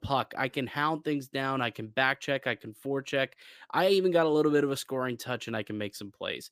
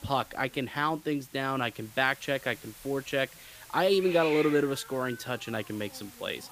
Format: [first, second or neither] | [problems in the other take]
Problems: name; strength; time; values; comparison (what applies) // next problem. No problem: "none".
first | hiss; noticeable; throughout; 15 dB below the speech